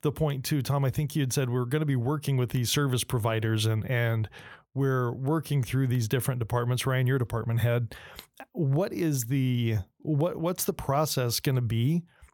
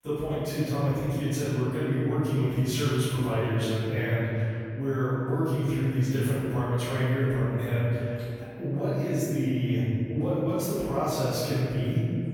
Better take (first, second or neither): first